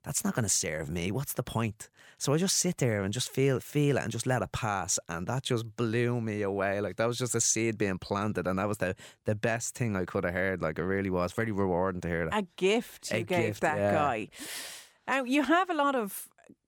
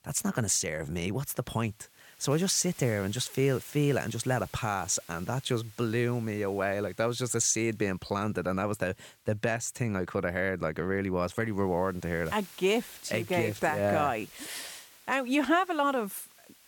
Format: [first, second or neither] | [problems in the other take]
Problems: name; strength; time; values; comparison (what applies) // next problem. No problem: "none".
first | hiss; faint; throughout; 20 dB below the speech